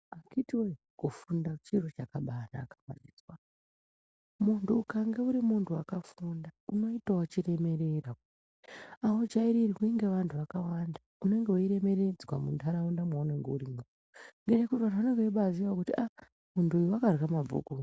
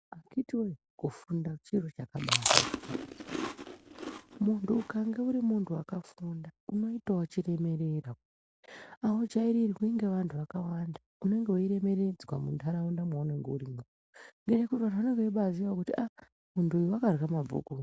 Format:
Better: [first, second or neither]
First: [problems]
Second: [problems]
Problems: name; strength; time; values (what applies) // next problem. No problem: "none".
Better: first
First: none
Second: background sound (Chewing, mastication); 2 dB below the speech